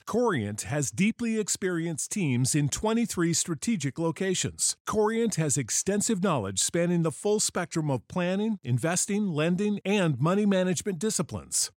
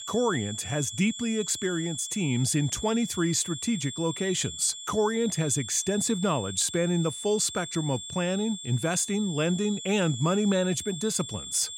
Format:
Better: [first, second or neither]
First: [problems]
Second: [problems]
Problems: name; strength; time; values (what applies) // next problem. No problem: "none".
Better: first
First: none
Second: high-pitched whine; loud; throughout; 3.5 kHz, 9 dB below the speech